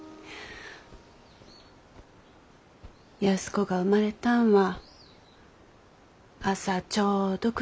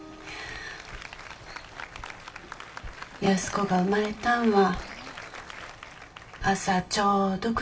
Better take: first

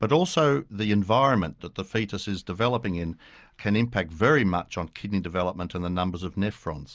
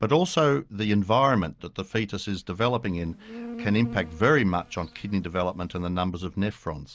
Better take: first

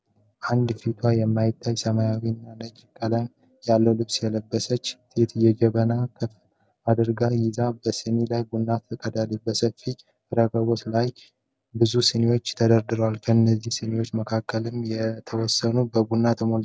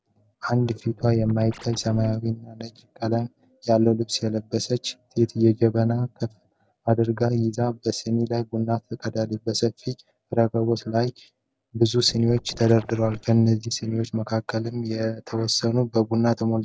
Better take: first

